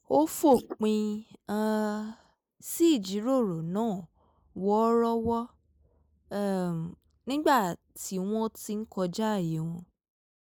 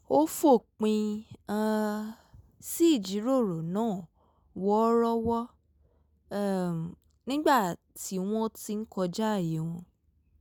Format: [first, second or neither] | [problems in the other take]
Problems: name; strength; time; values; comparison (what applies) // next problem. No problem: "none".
second | noise reduction (neural mask model Resemble Enhance denoiser)